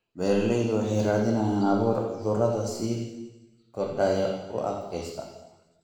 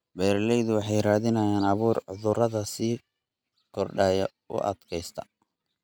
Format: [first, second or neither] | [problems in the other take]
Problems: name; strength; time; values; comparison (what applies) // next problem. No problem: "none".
second | room echo; dies away in 1.1 s